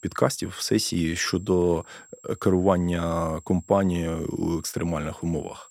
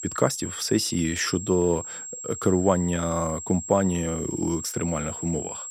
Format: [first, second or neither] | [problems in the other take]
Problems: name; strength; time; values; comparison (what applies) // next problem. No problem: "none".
first | high-pitched whine; loud; throughout; 7.5 kHz, 8 dB below the speech; faint in the first